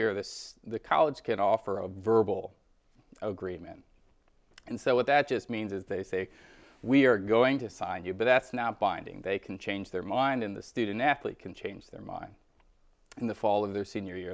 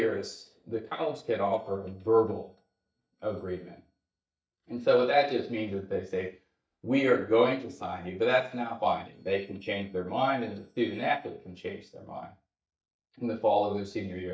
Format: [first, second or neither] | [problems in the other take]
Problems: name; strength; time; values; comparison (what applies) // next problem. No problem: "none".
first | noise reduction (neural mask model DeepFilterNet 3)